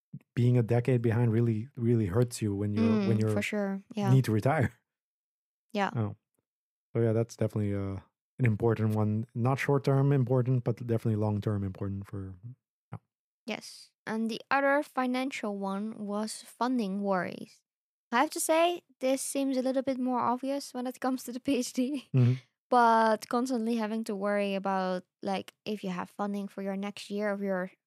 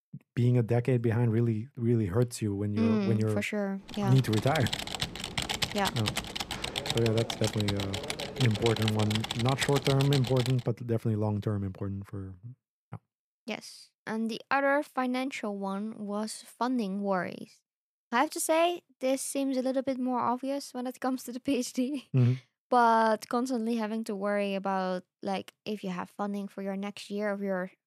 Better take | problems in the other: first | keyboard typing; noticeable; from 4 to 11 s; peak level with the speech

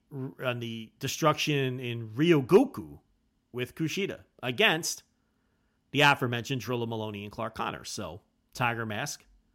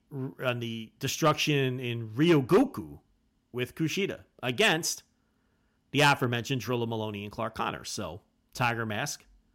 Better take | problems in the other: first | distortion; slight; 1.1% of the sound clipped

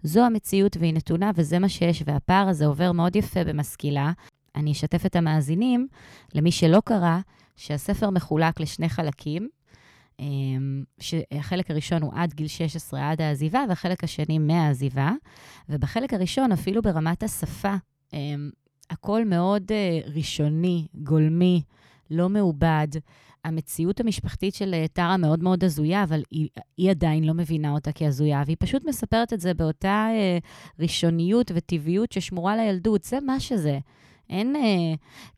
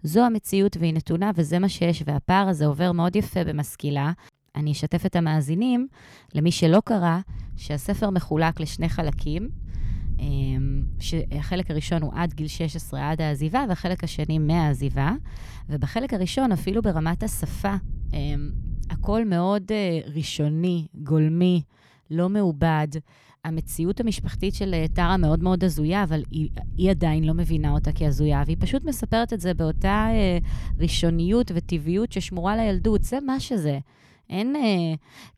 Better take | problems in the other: first | low rumble; faint; from 7.5 to 19 s and from 24 to 33 s; 25 dB below the speech

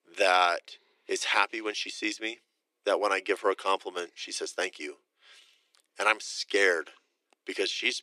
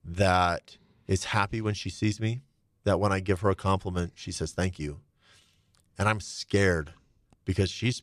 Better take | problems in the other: second | thin; very; fading below 350 Hz

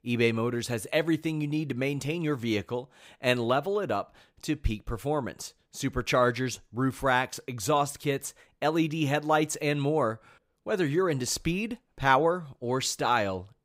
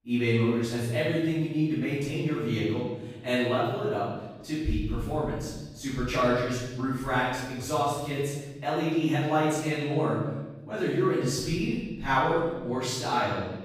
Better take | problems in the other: first | off-mic speech; far // room echo; strong; dies away in 1.3 s

